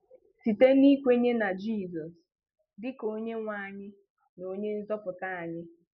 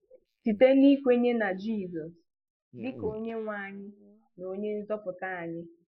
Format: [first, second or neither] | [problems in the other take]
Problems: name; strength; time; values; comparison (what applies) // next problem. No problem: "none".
first | noise reduction (neural mask model Resemble Enhance denoiser)